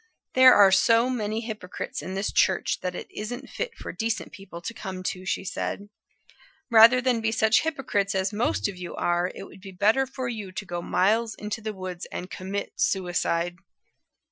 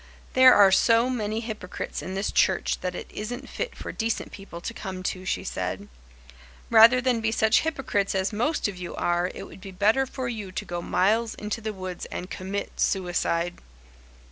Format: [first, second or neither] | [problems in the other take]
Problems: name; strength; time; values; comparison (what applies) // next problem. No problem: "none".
second | noise reduction (classical method Wiener filter)